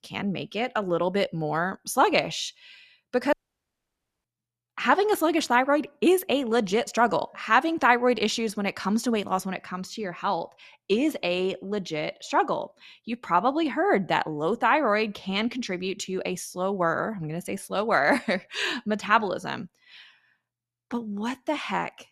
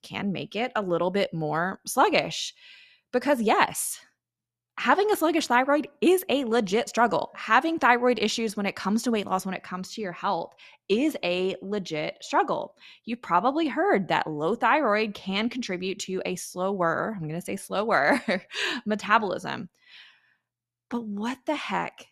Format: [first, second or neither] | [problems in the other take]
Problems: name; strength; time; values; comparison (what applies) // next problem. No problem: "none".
second | audio cutting out; at 3.5 s for 1 s